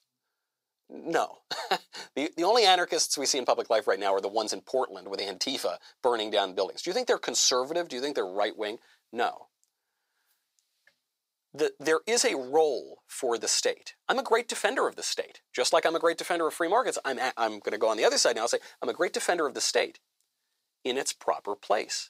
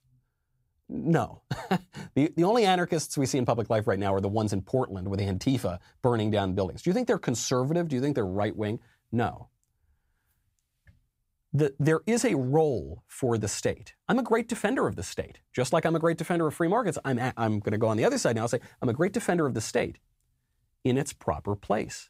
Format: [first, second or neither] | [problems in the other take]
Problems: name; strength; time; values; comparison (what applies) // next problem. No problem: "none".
second | thin; very; fading below 450 Hz